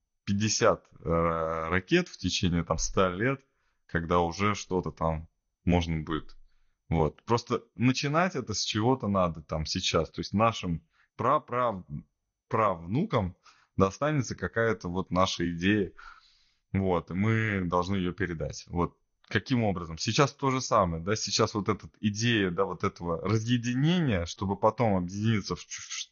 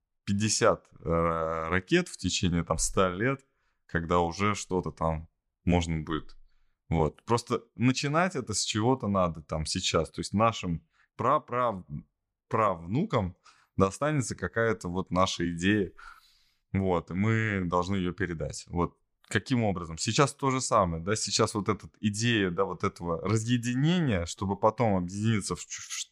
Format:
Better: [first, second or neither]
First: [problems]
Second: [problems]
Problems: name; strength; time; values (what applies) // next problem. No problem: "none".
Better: second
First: garbled, watery; slightly; nothing above 6.5 kHz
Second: none